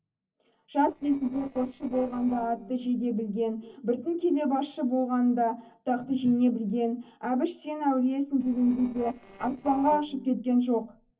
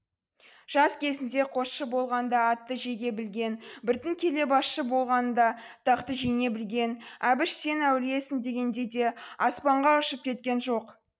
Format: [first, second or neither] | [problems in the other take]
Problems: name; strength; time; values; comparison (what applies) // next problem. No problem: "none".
second | noise reduction (neural separator model SepFormer DNS4)